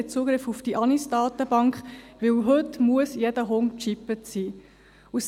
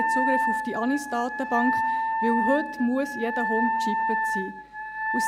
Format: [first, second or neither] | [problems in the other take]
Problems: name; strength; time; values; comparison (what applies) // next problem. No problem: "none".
first | background sound (Wind instrument, woodwind instrument); 2 dB above the speech